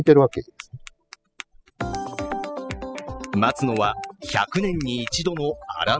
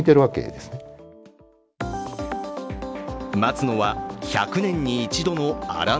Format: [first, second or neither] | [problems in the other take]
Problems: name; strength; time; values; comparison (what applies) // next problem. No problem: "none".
second | noise reduction (classical method spectral subtraction)